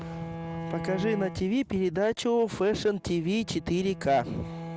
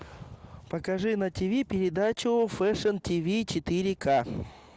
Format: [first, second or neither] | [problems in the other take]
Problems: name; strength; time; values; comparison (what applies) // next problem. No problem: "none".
second | background sound (Bowed string instrument); 11 dB below the speech